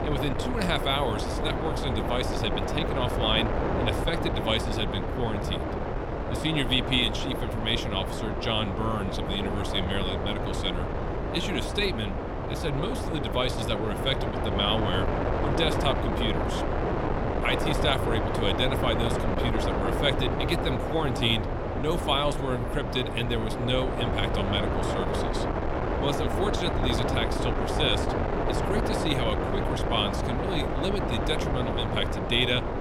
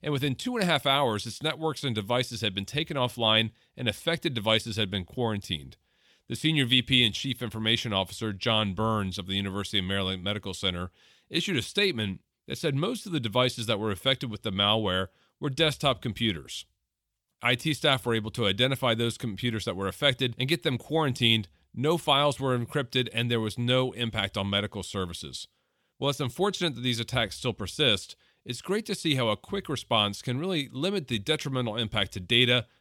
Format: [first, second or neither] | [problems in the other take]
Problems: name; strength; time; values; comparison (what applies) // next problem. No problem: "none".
second | wind noise on the microphone; heavy; 1 dB below the speech